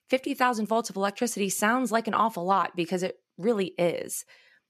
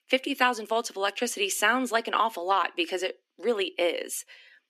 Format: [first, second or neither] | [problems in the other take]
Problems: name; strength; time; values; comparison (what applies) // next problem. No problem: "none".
first | thin; very slightly; fading below 250 Hz